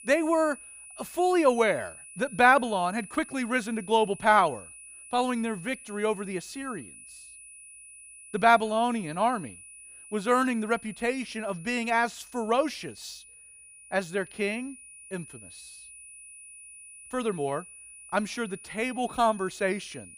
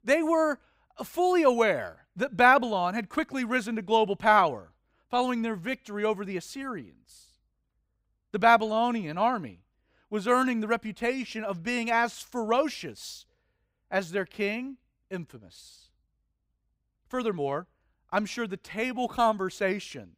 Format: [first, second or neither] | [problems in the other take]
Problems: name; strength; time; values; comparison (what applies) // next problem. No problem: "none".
second | high-pitched whine; noticeable; throughout; 10 kHz, 20 dB below the speech